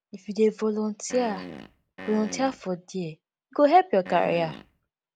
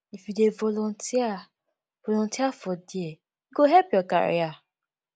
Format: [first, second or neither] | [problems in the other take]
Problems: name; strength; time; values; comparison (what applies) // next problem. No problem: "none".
second | background sound (Fart); 14 dB below the speech